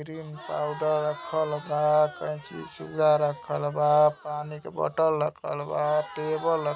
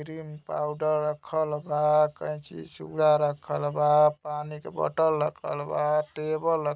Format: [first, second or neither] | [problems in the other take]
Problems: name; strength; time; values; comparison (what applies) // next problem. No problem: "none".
second | background sound (Crowd); 17 dB below the speech